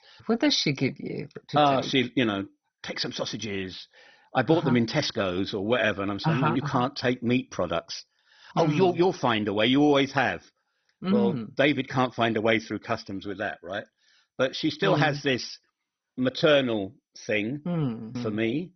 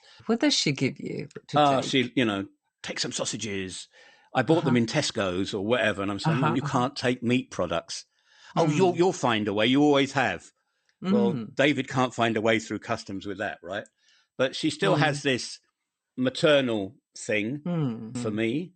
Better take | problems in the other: second | garbled, watery; badly; nothing above 6 kHz; slightly in the second

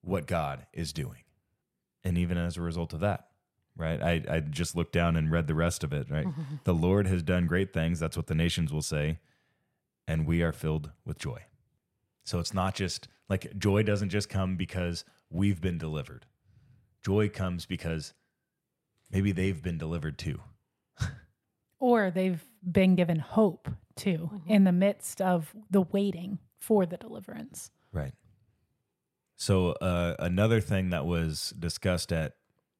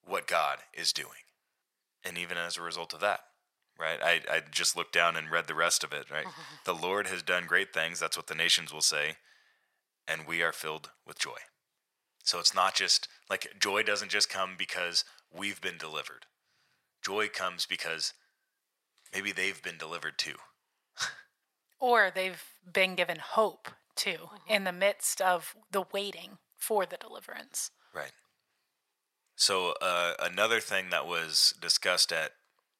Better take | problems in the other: first | thin; very; fading below 800 Hz

